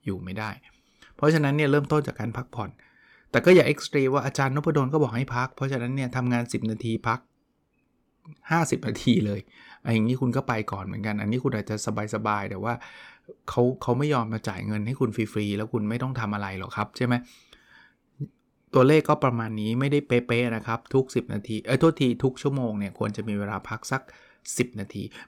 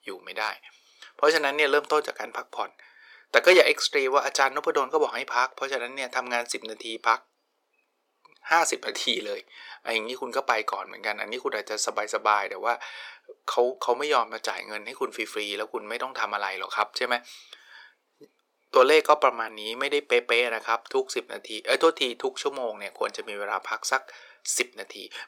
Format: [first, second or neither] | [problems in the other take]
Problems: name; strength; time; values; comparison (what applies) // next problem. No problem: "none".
first | thin; very; fading below 450 Hz